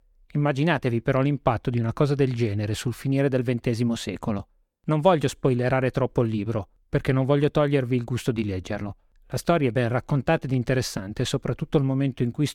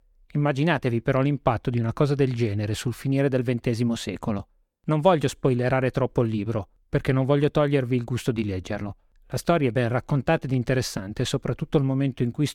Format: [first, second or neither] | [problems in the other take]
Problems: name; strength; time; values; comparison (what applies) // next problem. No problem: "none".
neither | none